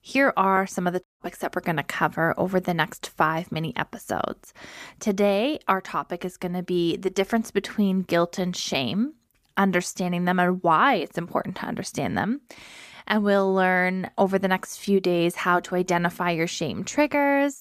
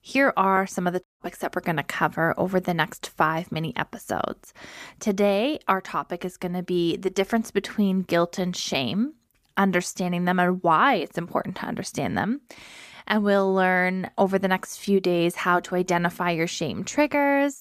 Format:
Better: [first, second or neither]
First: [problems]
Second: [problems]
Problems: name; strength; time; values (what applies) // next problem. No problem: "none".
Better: neither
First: audio cutting out; at 1 s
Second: audio cutting out; at 1 s